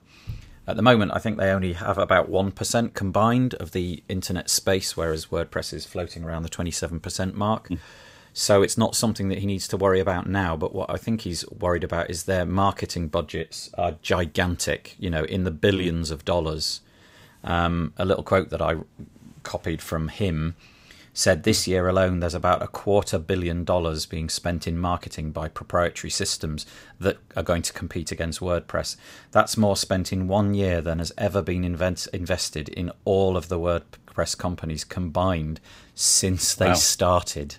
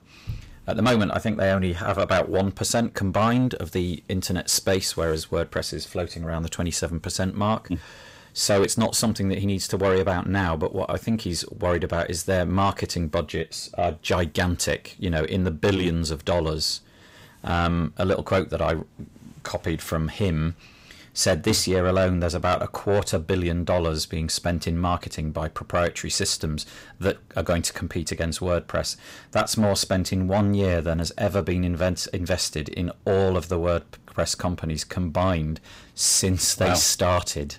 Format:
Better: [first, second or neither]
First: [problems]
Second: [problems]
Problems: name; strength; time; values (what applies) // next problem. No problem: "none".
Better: first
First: none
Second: distortion; slight; 10 dB below the speech